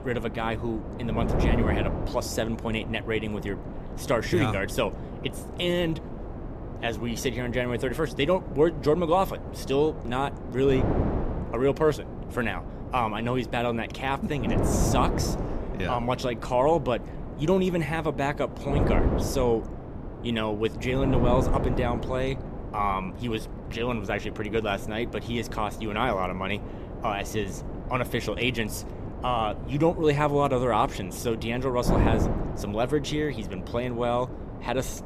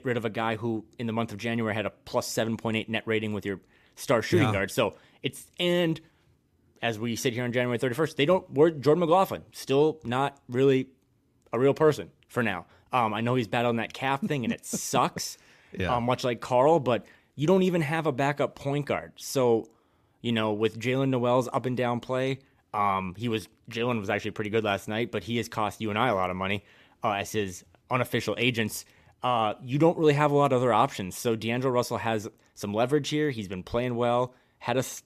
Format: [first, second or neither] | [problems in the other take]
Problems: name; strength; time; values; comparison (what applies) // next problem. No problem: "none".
second | wind noise on the microphone; heavy; 9 dB below the speech